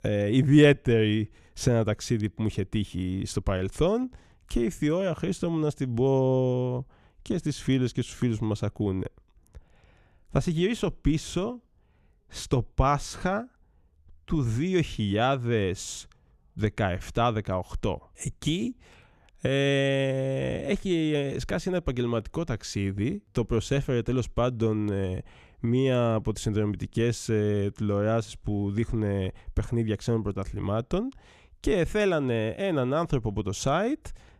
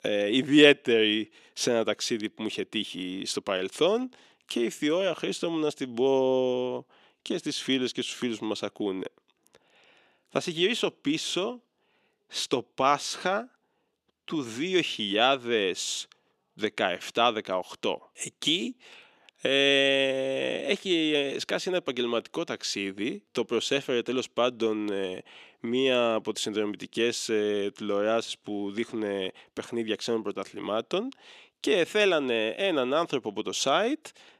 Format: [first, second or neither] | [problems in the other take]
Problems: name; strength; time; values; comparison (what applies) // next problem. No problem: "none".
first | thin; somewhat; fading below 300 Hz